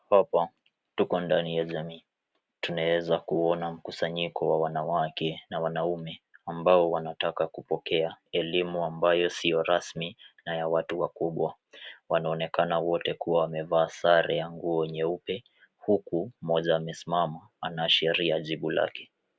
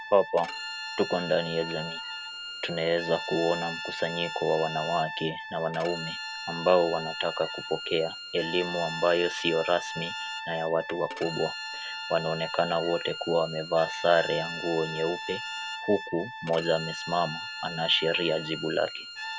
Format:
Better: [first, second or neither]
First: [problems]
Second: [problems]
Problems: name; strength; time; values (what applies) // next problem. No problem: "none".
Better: first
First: none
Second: background sound (Brass instrument + Bowed string instrument); 8 dB below the speech